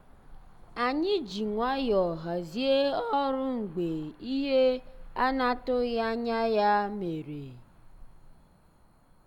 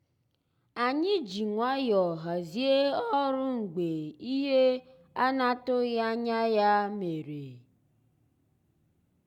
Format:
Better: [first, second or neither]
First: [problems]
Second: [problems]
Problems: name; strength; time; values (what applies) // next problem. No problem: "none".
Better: second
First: background sound (Cricket / Motor vehicle (road)); 19 dB below the speech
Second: none